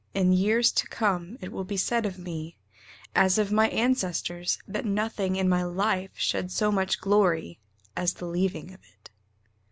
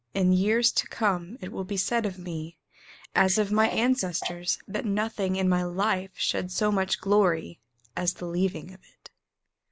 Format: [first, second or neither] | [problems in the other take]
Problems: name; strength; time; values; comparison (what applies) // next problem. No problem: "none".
first | noise reduction (neural mask model Resemble Enhance denoiser)